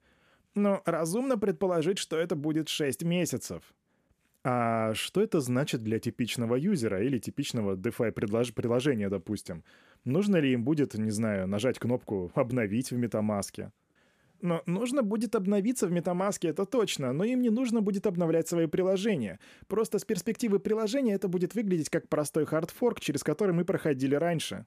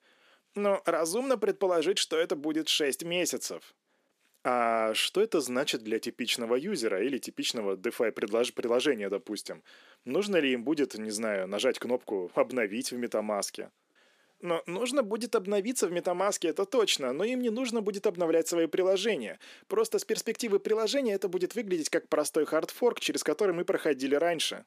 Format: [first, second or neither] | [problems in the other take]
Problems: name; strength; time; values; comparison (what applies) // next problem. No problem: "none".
first | thin; somewhat; fading below 300 Hz